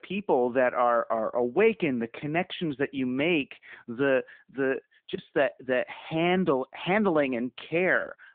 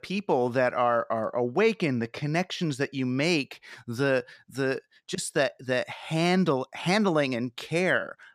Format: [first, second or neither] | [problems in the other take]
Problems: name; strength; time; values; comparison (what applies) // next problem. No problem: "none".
second | phone-call audio